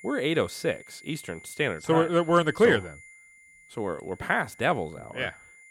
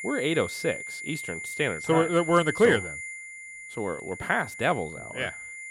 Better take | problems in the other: first | high-pitched whine; loud; throughout; 2 kHz, 9 dB below the speech; faint in the first

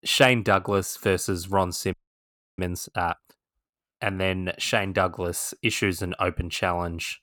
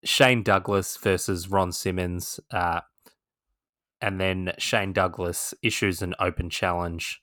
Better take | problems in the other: second | audio freezing; at 2 s for 0.5 s

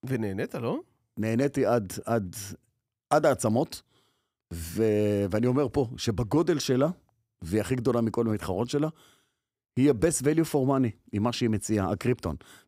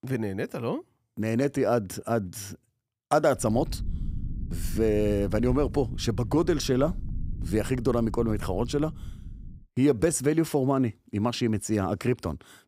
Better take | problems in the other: first | low rumble; faint; from 3.5 to 9.5 s; 20 dB below the speech

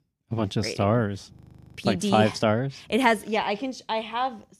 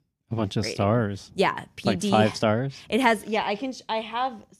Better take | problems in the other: second | audio freezing; at 1.5 s

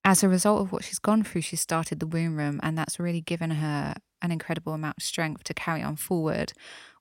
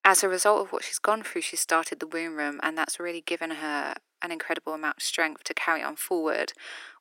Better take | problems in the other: first | thin; very; fading below 300 Hz

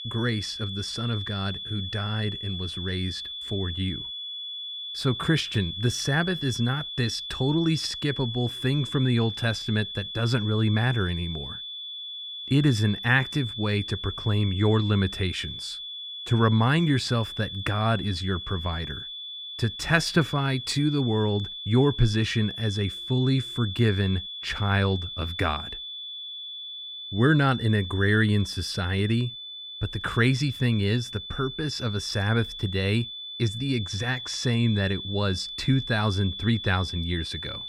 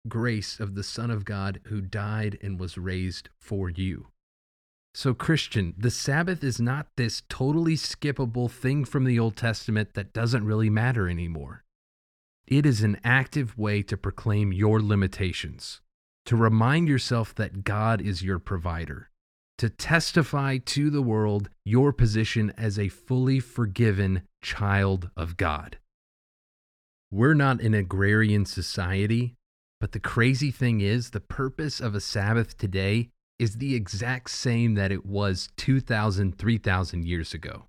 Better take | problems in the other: second | high-pitched whine; loud; throughout; 3.5 kHz, 8 dB below the speech

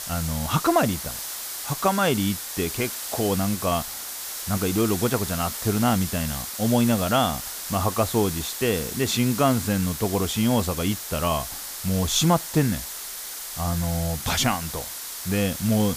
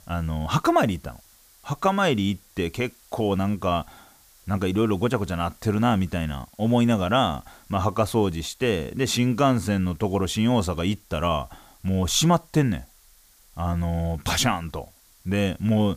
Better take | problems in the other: second | hiss; loud; throughout; 6 dB below the speech; faint in the second

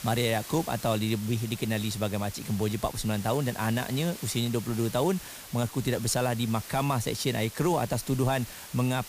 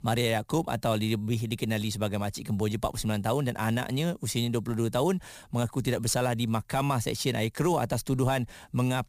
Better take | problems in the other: second | hiss; noticeable; throughout; 15 dB below the speech

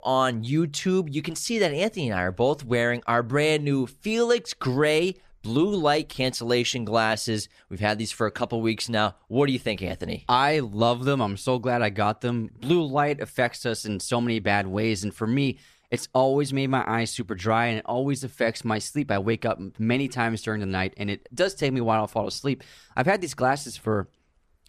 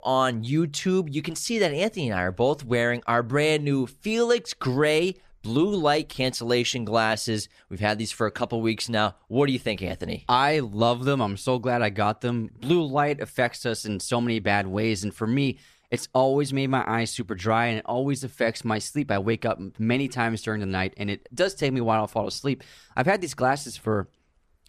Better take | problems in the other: neither | none

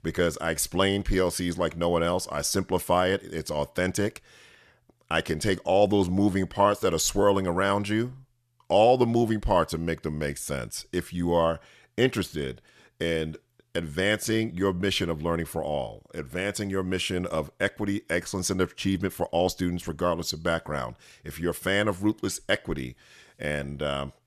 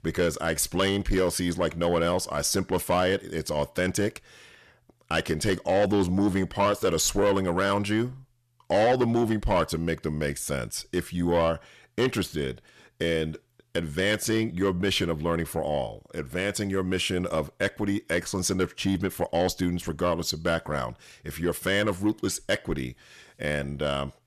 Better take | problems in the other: first | distortion; slight; 10 dB below the speech

